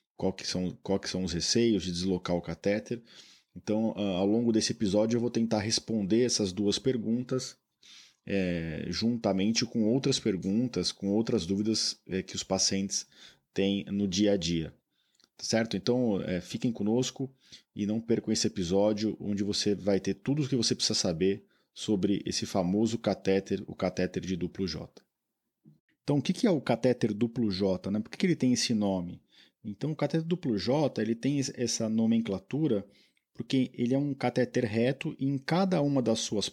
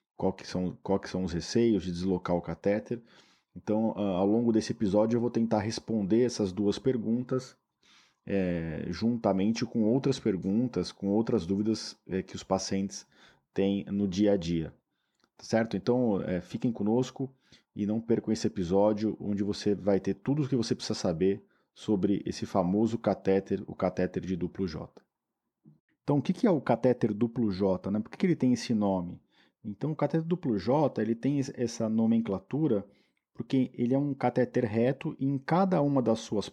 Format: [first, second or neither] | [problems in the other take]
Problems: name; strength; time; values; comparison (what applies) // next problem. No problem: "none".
first | muffled; slightly; fading above 2 kHz